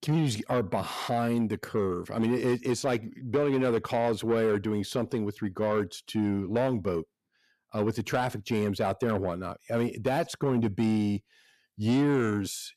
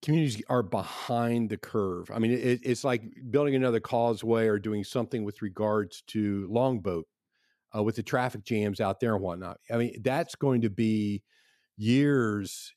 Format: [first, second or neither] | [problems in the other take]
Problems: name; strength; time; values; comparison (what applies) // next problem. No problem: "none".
second | distortion; slight; 10 dB below the speech